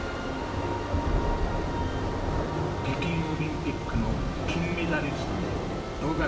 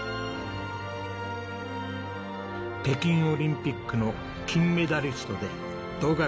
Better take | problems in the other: second | background sound (Thunder / Rain); 2 dB above the speech // room echo; dies away in 2.1 s

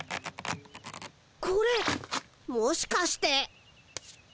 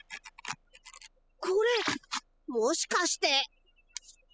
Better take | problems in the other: first | noise reduction (classical method spectral subtraction)

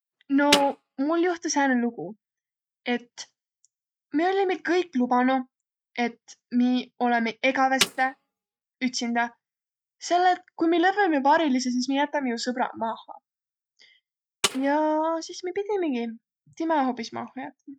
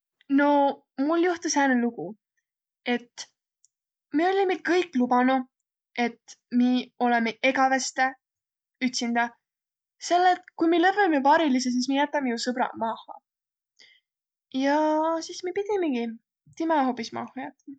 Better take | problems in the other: second | noise reduction (neural mask model RNNoise)

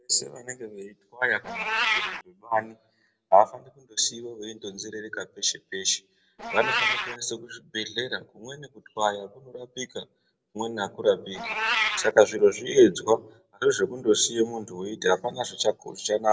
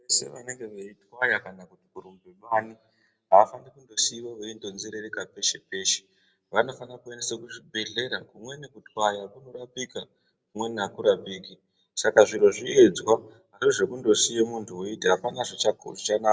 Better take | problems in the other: second | background sound (Meow); 8 dB below the speech

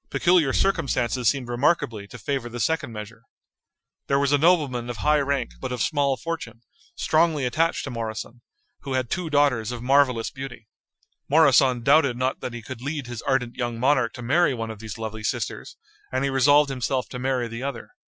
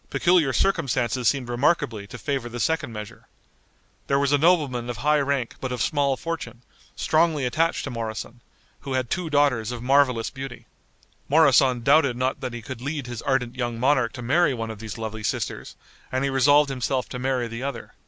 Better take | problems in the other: second | noise reduction (classical method Wiener filter)

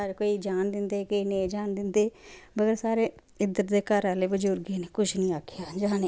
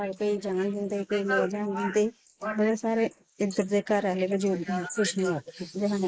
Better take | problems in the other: first | noise reduction (neural mask model Resemble Enhance denoiser)

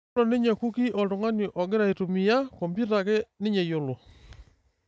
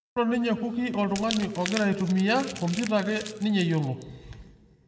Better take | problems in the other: first | background sound (Crumpling, crinkling); 13 dB below the speech // room echo; dies away in 1.3 s

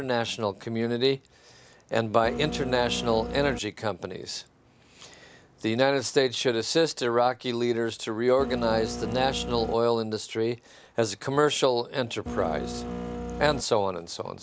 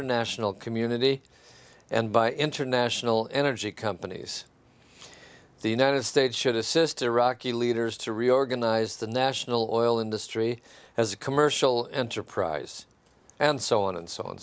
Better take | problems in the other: second | background sound (Printer); 6 dB below the speech

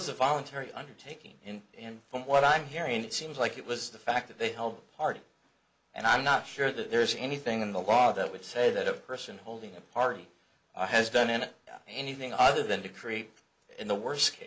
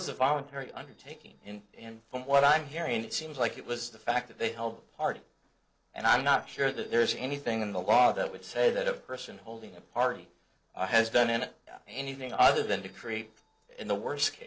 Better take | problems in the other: first | noise reduction (neural separator model SepFormer DNS4)

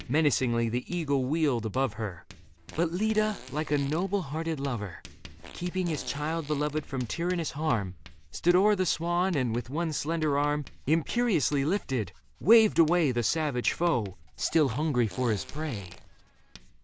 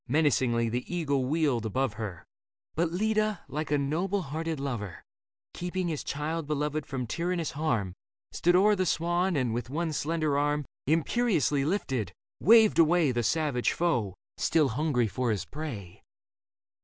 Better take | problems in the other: second | background sound (Fart + Writing); 19 dB below the speech

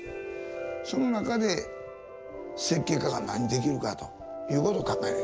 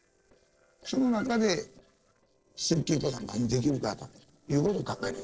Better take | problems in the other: first | noise reduction (neural separator model SepFormer DNS4)

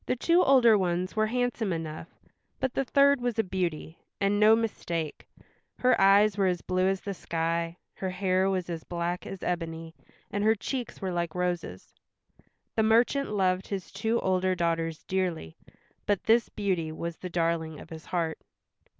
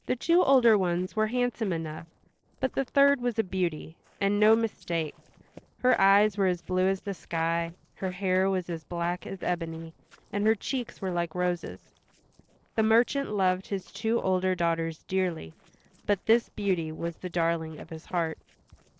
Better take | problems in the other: first | noise reduction (neural separator model SepFormer DNS4)

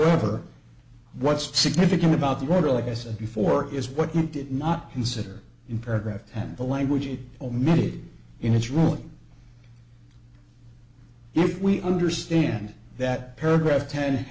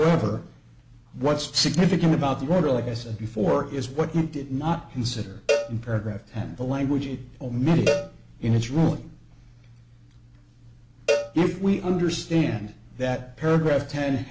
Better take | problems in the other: first | background sound (Cowbell); 6 dB below the speech

